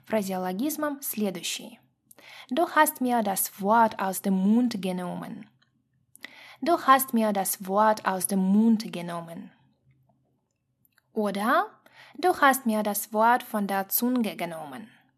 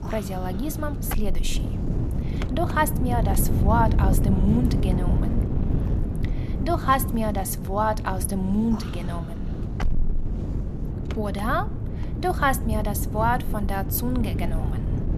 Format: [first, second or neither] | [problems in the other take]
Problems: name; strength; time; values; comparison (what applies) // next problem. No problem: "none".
first | wind noise on the microphone; heavy; 10 dB below the speech